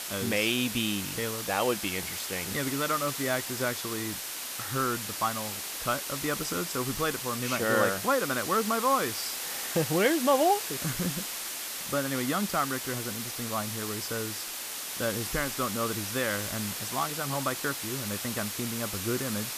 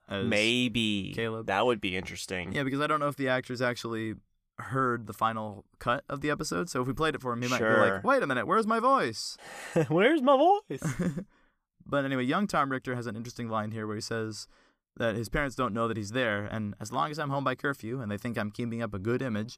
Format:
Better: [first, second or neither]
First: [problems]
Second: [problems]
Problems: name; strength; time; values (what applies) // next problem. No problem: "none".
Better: second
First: hiss; loud; throughout; 3 dB below the speech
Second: none